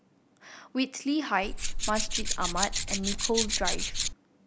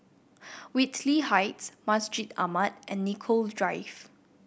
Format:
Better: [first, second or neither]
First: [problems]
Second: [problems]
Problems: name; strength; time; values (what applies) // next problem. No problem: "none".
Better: second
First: background sound (Tools); 3 dB above the speech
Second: none